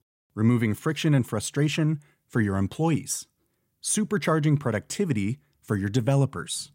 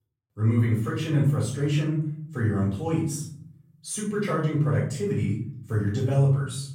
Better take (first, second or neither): first